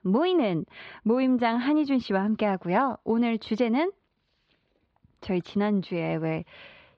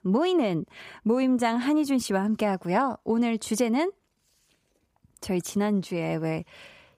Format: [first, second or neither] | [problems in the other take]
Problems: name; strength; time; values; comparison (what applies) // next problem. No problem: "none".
second | muffled; slightly; fading above 4 kHz